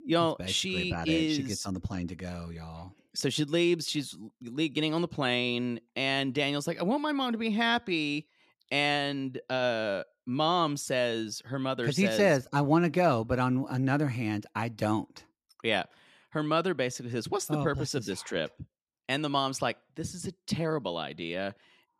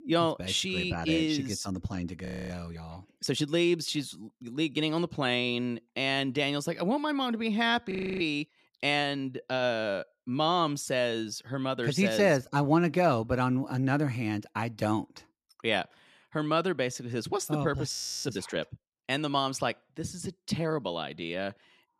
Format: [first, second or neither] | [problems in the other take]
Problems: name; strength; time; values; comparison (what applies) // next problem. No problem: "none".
first | audio freezing; at 2.5 s, at 8 s and at 18 s